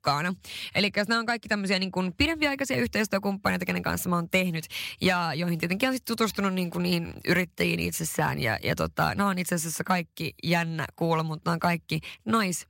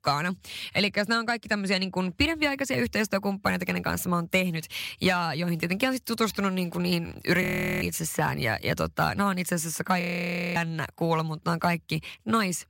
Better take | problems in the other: first | audio freezing; at 7.5 s and at 10 s for 0.5 s

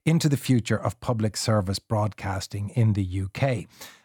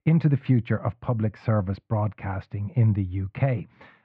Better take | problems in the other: first | muffled; very; fading above 2.5 kHz

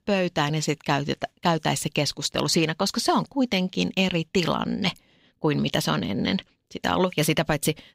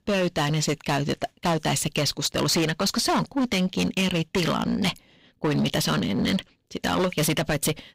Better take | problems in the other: first | distortion; heavy; 15% of the sound clipped

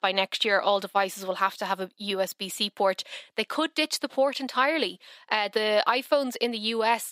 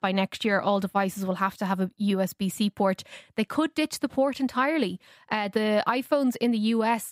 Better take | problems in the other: second | thin; somewhat; fading below 450 Hz

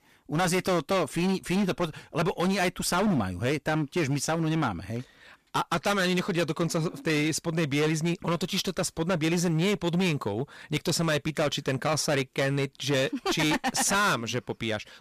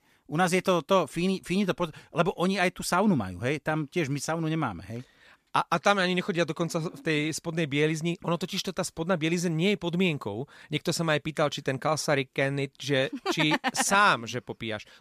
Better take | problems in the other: second | distortion; heavy; 15% of the sound clipped

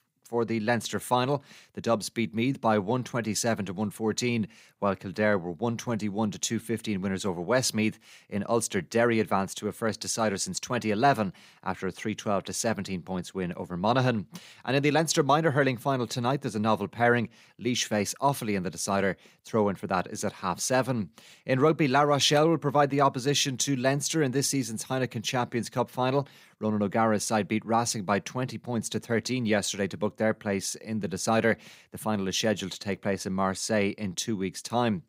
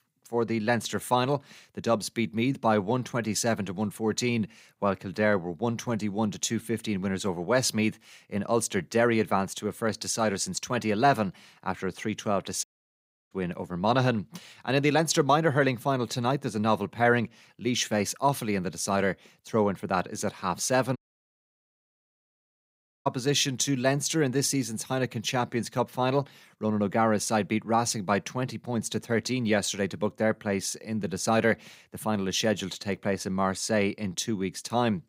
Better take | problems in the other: first | audio cutting out; at 13 s for 0.5 s and at 21 s for 2 s

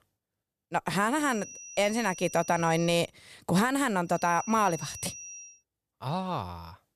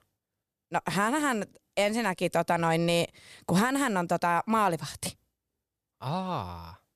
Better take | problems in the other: second | high-pitched whine; noticeable; from 1 to 3 s and from 4 to 5.5 s; 6 kHz, 15 dB below the speech

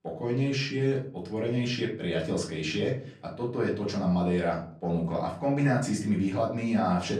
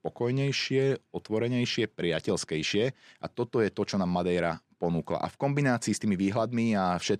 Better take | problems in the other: second | off-mic speech; far // room echo; slight; dies away in 0.4 s

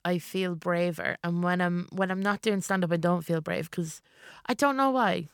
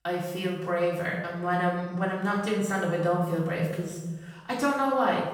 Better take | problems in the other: first | off-mic speech; far // room echo; noticeable; dies away in 1.1 s

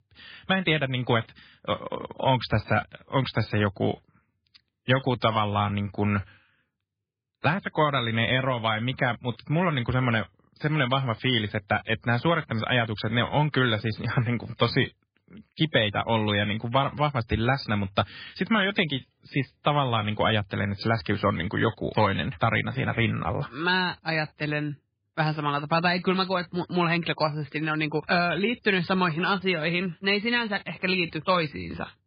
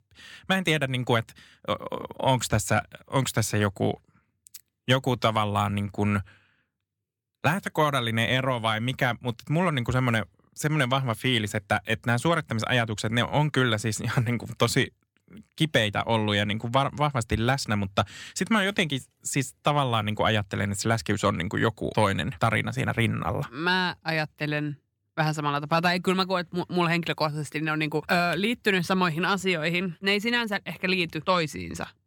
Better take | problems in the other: second | garbled, watery; badly; nothing above 4.5 kHz

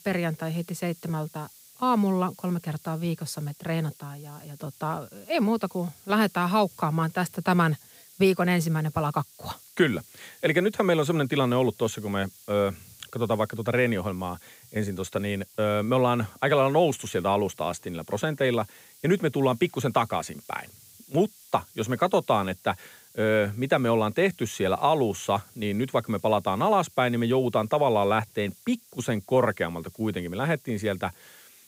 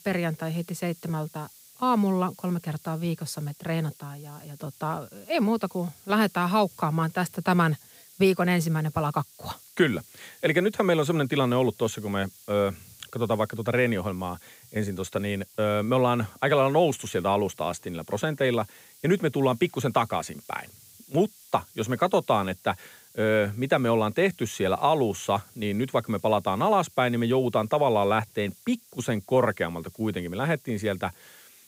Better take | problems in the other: neither | hiss; faint; throughout; 25 dB below the speech; the same in both

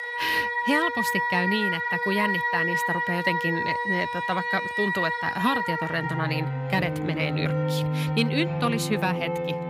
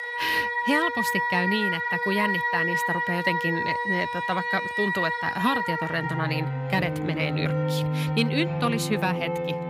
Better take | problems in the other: neither | background music; very loud; throughout; 2 dB above the speech; the same in both

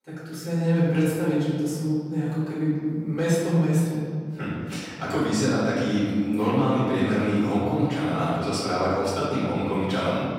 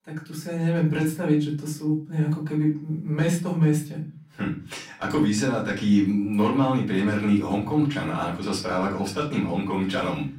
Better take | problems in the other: second | room echo; strong; dies away in 2 s; slight in the second // off-mic speech; far; far in the second

